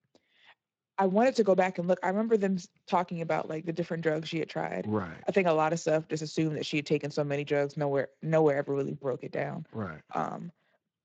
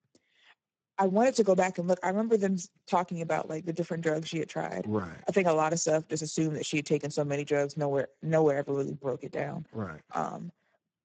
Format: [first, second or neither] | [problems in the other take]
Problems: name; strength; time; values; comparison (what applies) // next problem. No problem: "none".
first | garbled, watery; badly; nothing above 7.5 kHz; slightly in the first